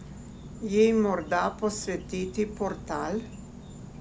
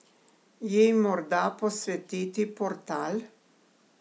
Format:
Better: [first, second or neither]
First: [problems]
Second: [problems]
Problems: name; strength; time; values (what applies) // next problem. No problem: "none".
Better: second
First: background sound (Insect); 14 dB below the speech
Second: none